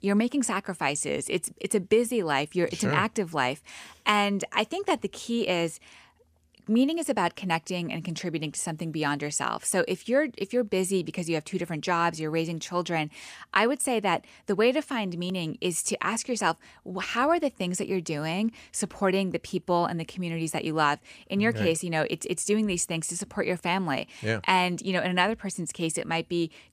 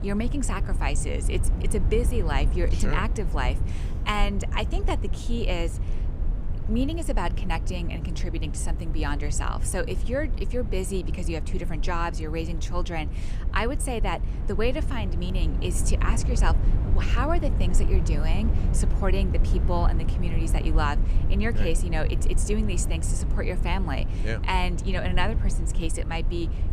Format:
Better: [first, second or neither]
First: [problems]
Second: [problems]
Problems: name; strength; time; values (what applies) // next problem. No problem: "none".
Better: first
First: none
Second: low rumble; noticeable; throughout; 10 dB below the speech